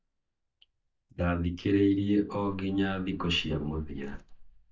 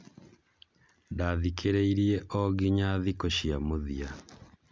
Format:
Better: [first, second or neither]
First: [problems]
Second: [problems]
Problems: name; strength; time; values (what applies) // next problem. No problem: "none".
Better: second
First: noise reduction (neural mask model DeepFilterNet 3)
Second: none